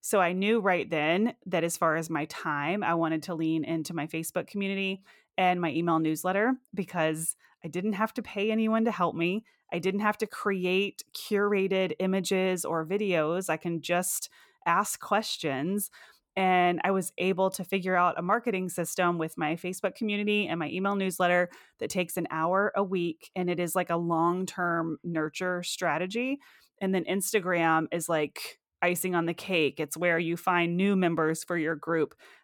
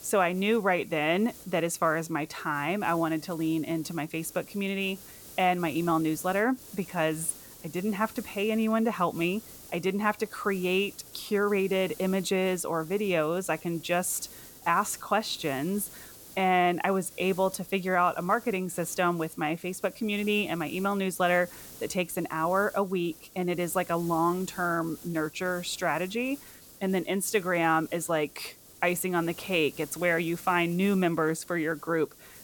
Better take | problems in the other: first | hiss; noticeable; throughout; 20 dB below the speech

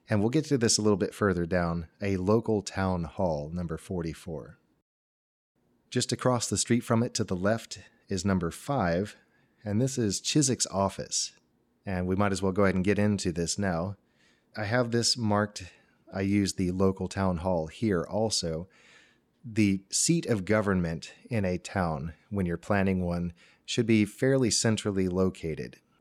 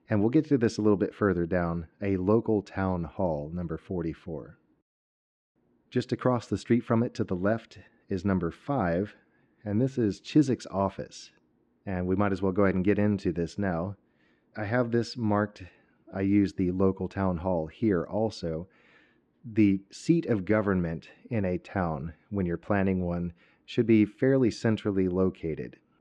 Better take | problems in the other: first | muffled; very; fading above 2.5 kHz

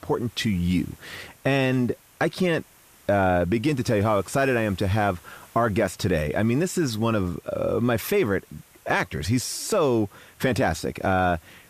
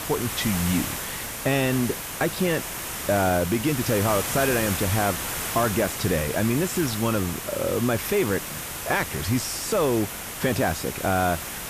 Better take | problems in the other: first | hiss; loud; throughout; 5 dB below the speech; faint in the first

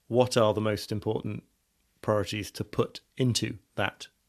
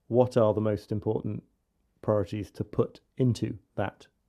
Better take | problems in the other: first | muffled; slightly; fading above 1.5 kHz

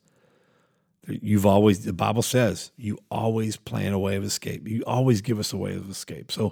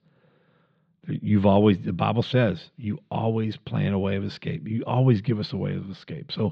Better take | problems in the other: first | muffled; slightly; fading above 4 kHz

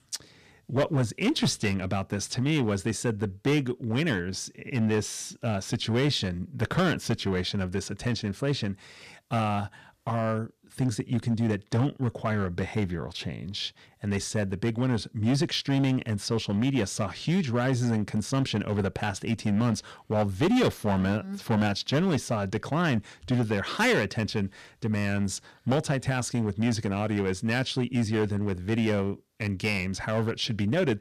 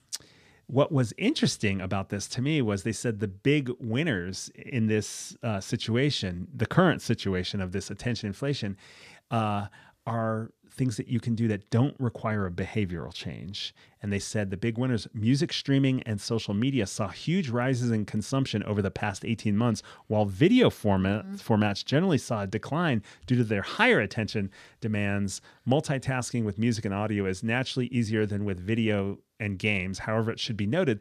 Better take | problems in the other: second | distortion; slight; 7% of the sound clipped

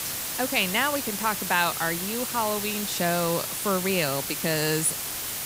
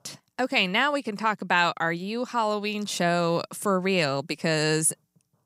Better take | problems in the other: second | hiss; loud; throughout; 2 dB below the speech

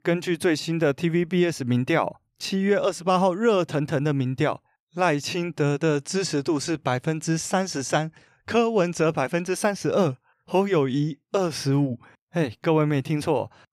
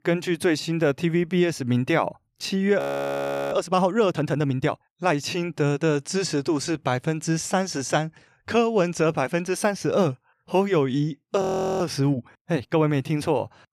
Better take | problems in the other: first | audio freezing; at 3 s for 0.5 s and at 11 s

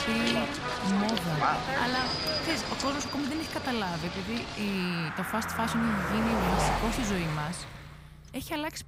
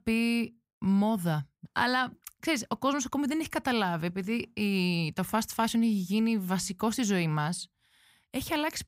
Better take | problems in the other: second | traffic noise; very loud; throughout; 1 dB above the speech

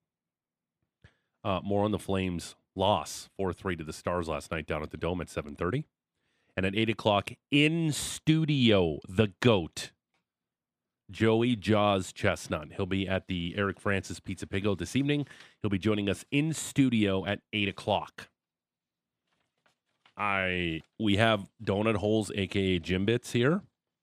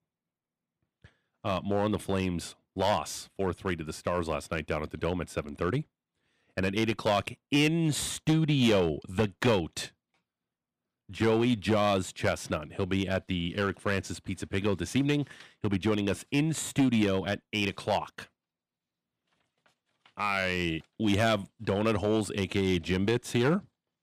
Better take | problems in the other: first | distortion; slight; 3% of the sound clipped

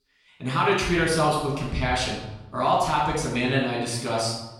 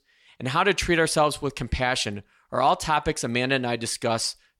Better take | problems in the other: second | off-mic speech; far // room echo; noticeable; dies away in 0.9 s

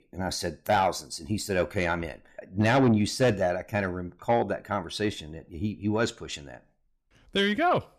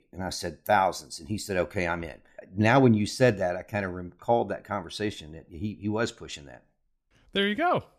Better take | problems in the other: second | distortion; slight; 10 dB below the speech

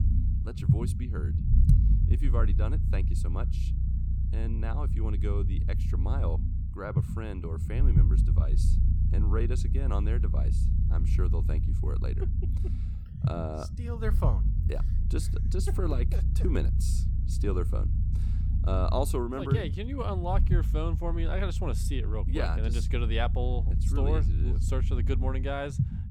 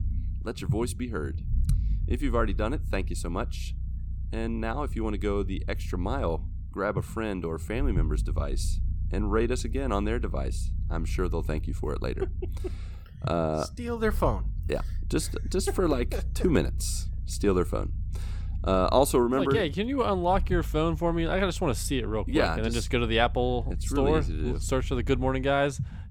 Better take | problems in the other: second | low rumble; loud; throughout; 7 dB below the speech; faint in the second

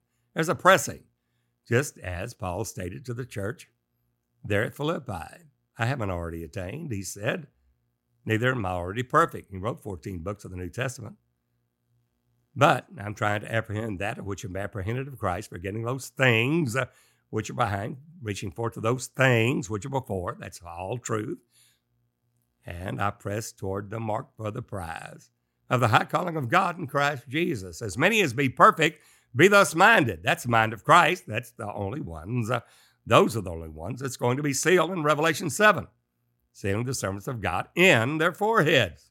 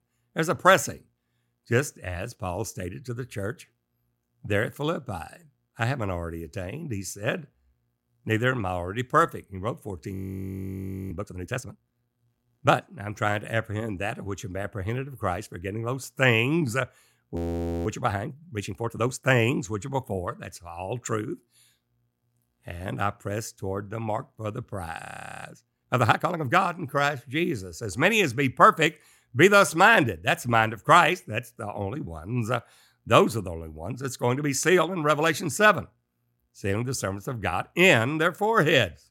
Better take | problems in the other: first | audio freezing; at 10 s for 1 s, at 17 s and at 25 s

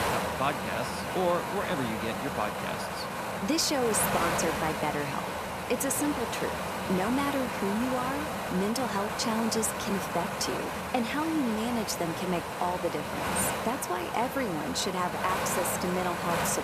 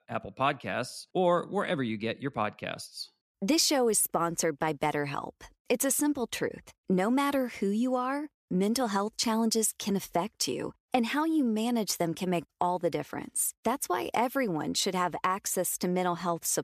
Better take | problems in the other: second | wind noise on the microphone; heavy; as loud as the speech

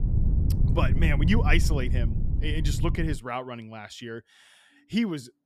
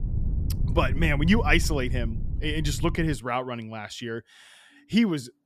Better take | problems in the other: second | wind noise on the microphone; heavy; until 3 s; 8 dB below the speech; occasional gusts in the second

